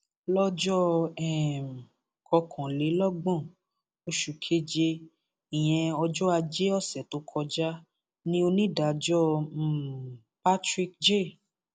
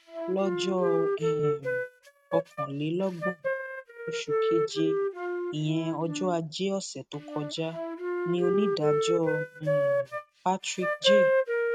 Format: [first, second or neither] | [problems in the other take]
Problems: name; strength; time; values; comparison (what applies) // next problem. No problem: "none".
first | noise reduction (neural mask model RNNoise)